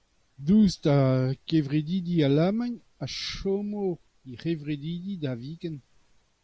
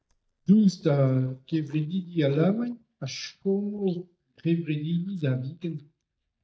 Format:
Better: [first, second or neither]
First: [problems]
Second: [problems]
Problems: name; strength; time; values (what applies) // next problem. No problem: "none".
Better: first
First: none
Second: noise reduction (neural mask model DeepFilterNet 3)